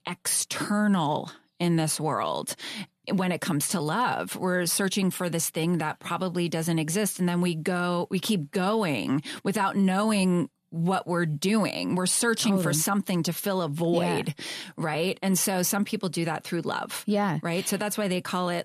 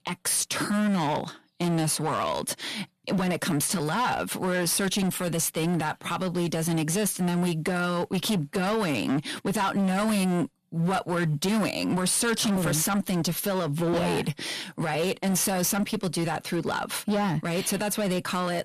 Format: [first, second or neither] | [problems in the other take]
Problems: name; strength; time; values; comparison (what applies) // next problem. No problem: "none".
first | distortion; slight; 18% of the sound clipped